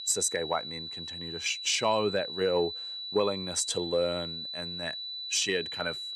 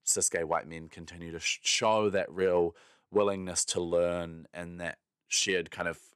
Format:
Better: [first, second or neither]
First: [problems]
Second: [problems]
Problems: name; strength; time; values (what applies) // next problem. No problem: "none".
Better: second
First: high-pitched whine; loud; throughout; 4 kHz, 6 dB below the speech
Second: none